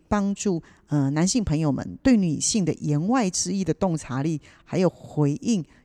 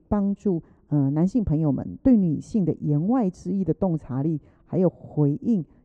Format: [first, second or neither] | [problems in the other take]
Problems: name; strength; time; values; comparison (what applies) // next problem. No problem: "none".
first | muffled; very; fading above 1.5 kHz